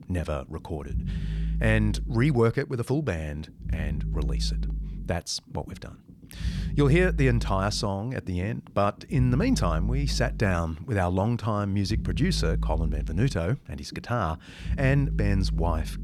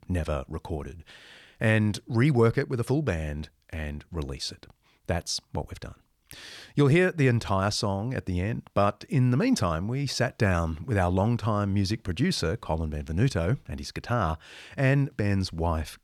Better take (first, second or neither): second